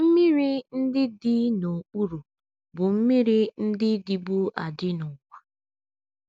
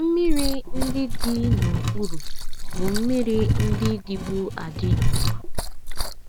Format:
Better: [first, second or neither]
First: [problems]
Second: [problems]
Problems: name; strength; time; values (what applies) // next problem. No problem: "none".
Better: first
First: none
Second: background sound (Liquid + Wood / Tools); 5 dB above the speech